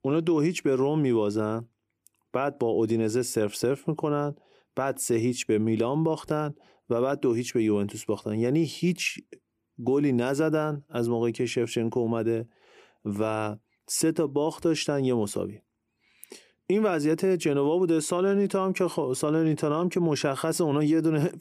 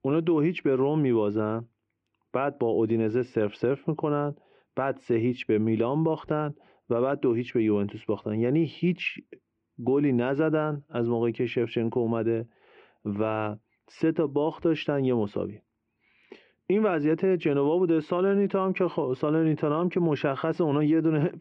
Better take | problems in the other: first | muffled; very; fading above 3 kHz

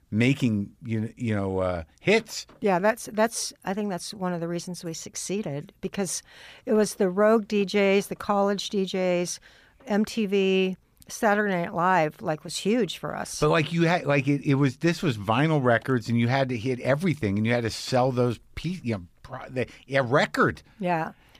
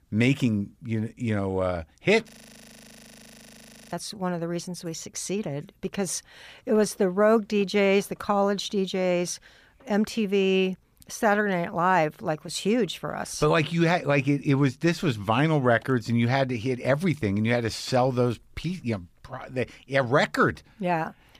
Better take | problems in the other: first | audio freezing; at 2.5 s for 1.5 s

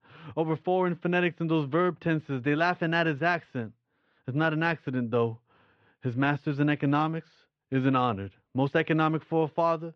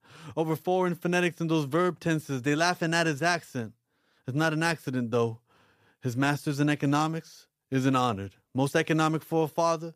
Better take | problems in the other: second | muffled; very; fading above 3 kHz

